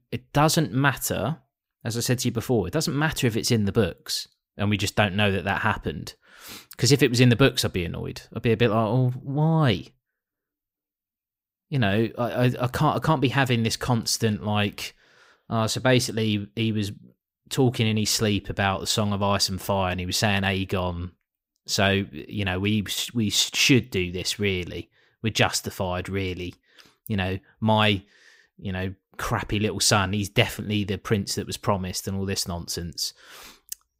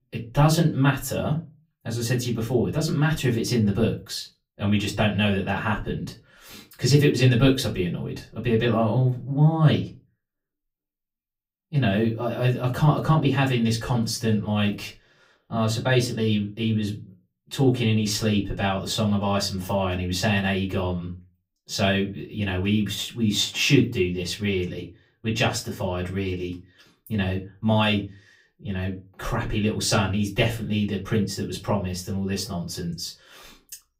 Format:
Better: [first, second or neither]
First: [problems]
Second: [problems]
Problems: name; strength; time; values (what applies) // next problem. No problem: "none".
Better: first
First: none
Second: off-mic speech; far // room echo; very slight; dies away in 0.2 s